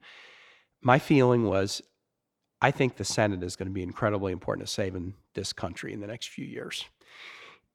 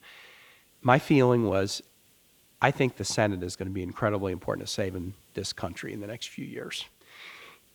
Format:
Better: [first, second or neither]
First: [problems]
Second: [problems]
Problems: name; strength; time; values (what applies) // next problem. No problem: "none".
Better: first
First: none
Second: hiss; faint; throughout; 30 dB below the speech